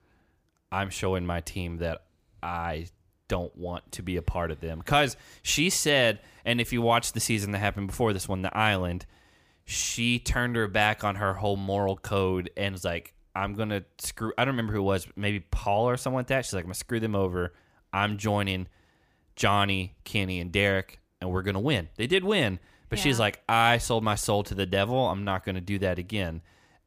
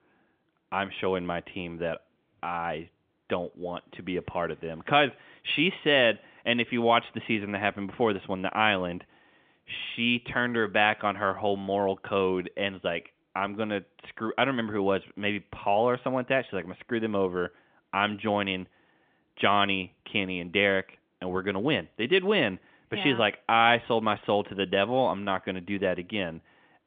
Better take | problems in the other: first | phone-call audio; nothing above 3.5 kHz

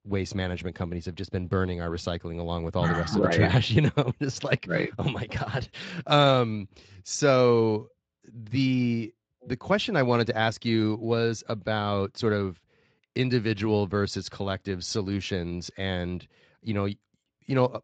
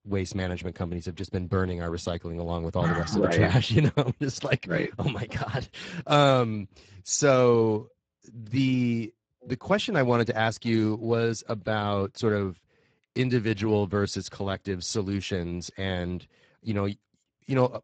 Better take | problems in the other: first | garbled, watery; badly; nothing above 7.5 kHz; slightly in the first

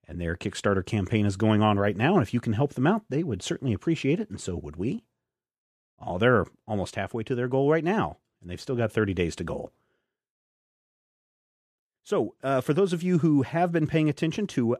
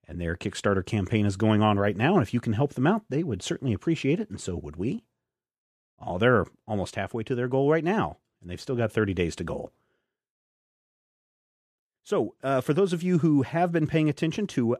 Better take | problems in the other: neither | none

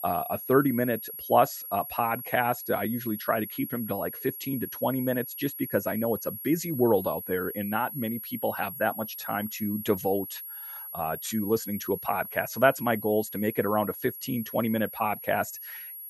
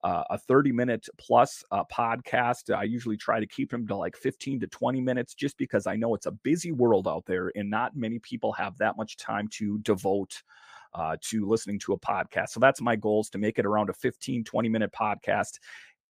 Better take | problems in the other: second | high-pitched whine; loud; throughout; 11.5 kHz, 8 dB below the speech

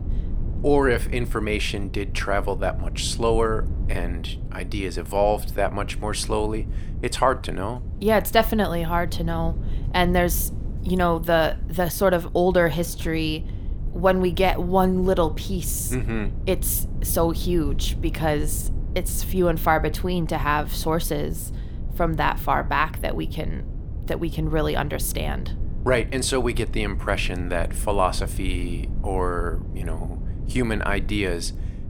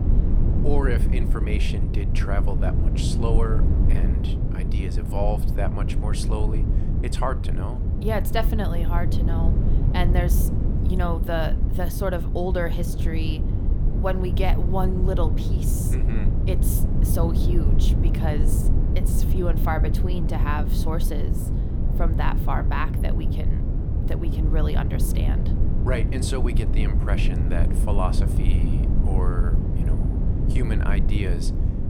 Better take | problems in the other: first | low rumble; loud; throughout; 5 dB below the speech; faint in the first

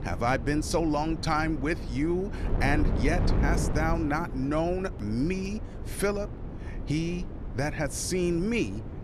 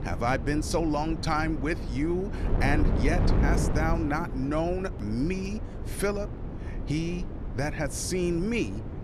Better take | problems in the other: first | wind noise on the microphone; heavy; 9 dB below the speech; occasional gusts in the first

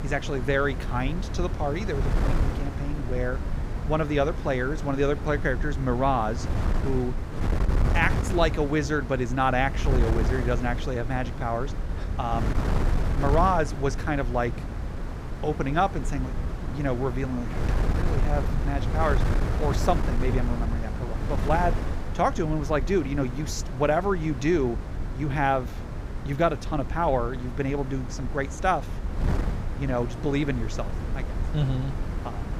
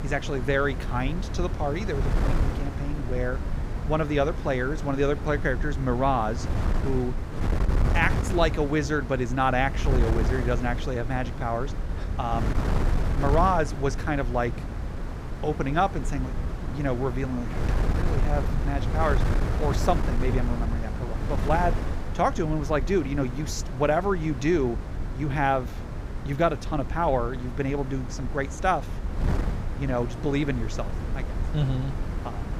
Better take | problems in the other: neither | wind noise on the microphone; occasional gusts; 10 dB below the speech; the same in both

